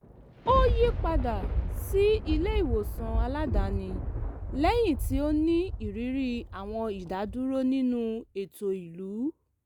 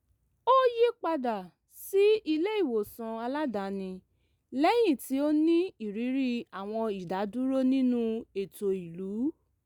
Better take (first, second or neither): second